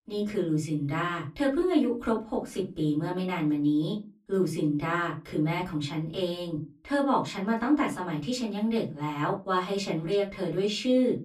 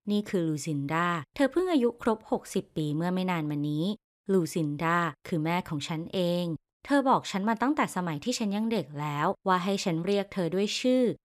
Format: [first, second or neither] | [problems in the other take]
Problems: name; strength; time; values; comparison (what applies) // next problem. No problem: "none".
second | off-mic speech; far // room echo; very slight; dies away in 0.3 s